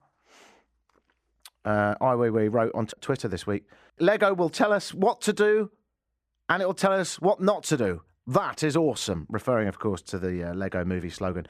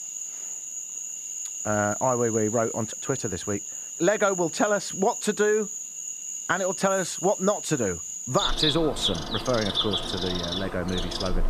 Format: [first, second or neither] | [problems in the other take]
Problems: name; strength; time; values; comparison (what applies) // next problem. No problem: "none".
first | animal sounds; loud; throughout; 3 dB below the speech